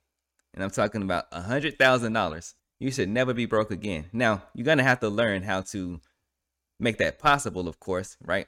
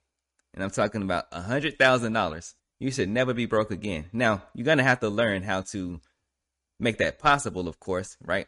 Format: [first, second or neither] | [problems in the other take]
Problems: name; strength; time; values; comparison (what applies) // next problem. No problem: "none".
first | garbled, watery; slightly; nothing above 10.5 kHz